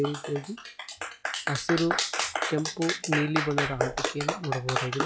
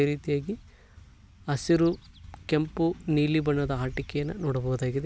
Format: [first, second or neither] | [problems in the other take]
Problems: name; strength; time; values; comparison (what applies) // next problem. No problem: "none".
second | noise reduction (classical method log-MMSE)